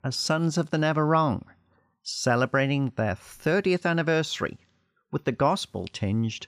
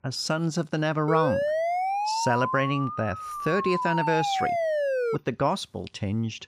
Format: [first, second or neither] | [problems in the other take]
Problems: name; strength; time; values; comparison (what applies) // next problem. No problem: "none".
first | siren; loud; from 1 to 5 s; peak 2 dB above the speech